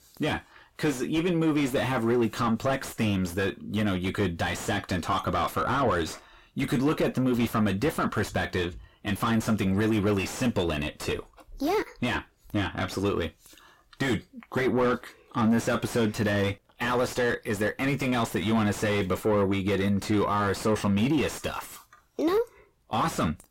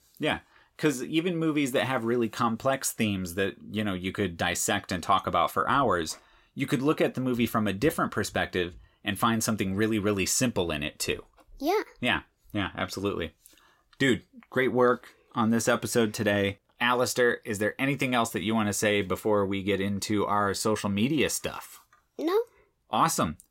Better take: second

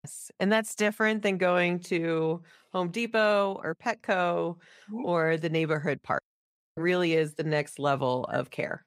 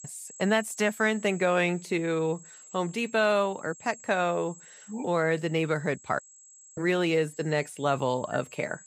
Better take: first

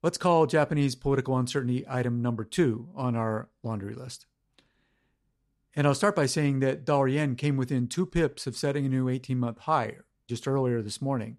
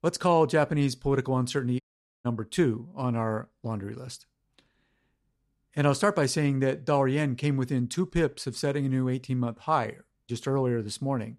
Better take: first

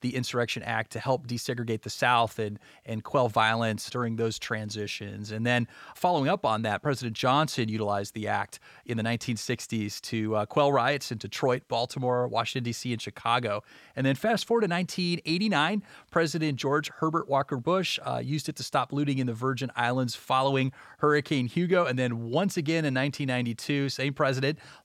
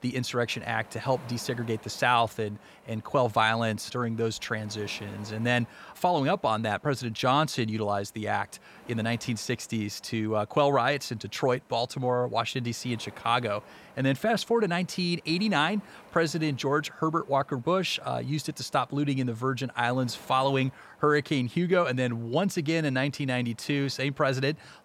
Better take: first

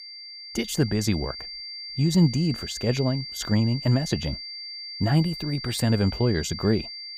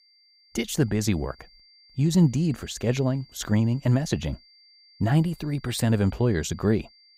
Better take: second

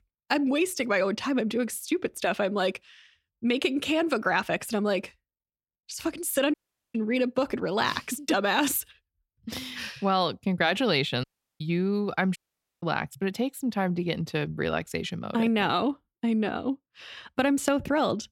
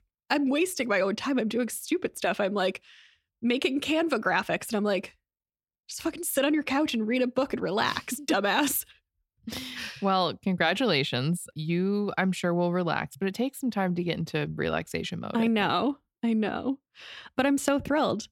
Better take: second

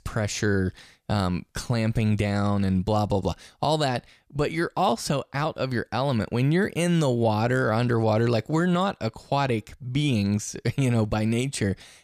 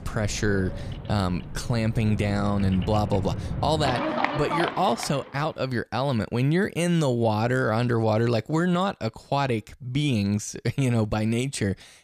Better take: first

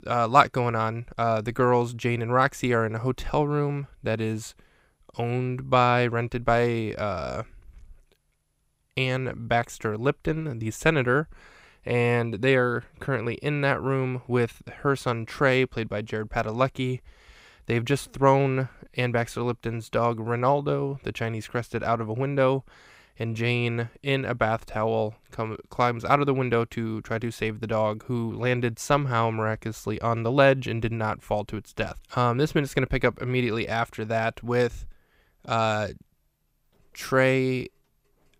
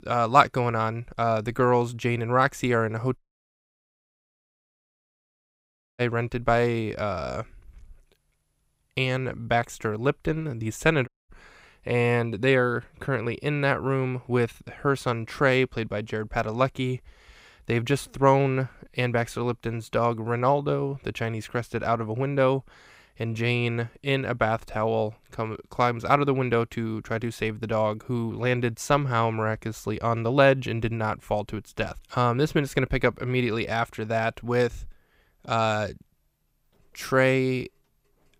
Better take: first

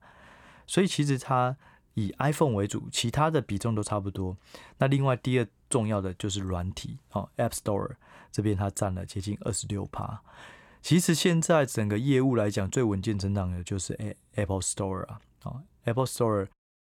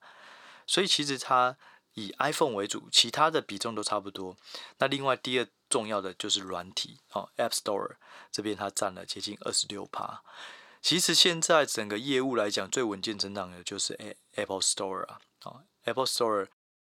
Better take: first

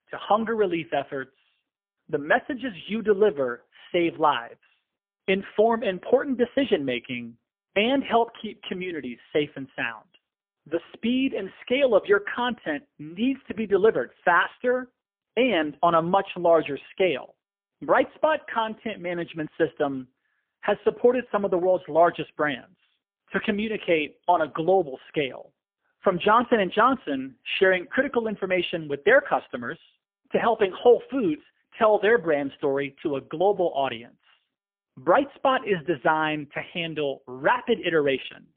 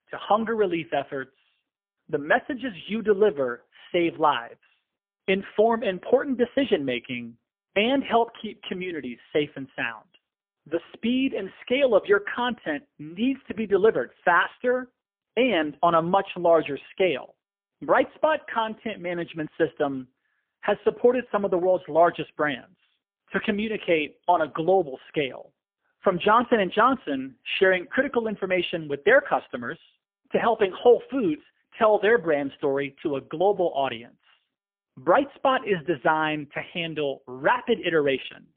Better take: neither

